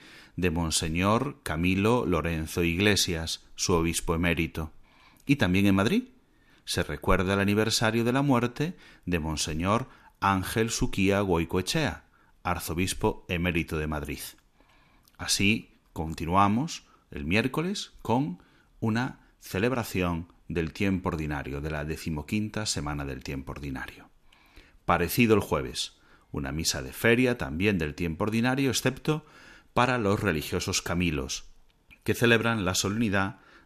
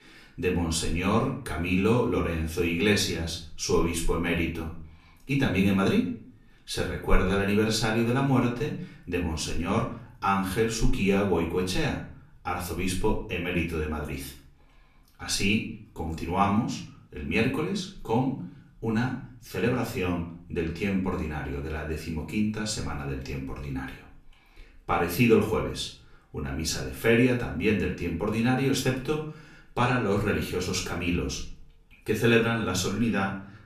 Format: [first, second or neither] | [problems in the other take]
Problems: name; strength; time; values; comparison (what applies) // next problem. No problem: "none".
first | room echo; slight; dies away in 0.4 s // off-mic speech; far